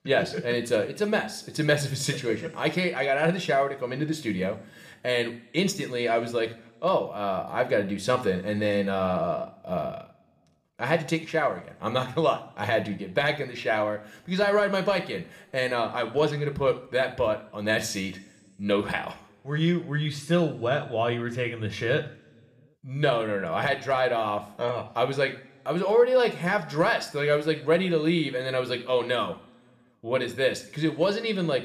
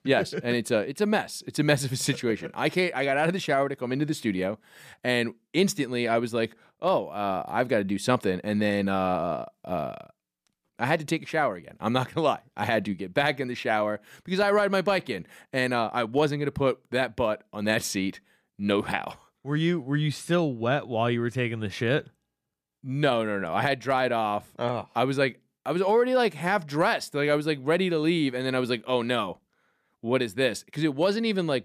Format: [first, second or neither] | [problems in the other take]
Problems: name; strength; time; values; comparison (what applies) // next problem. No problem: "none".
second | room echo; slight; dies away in 0.7 s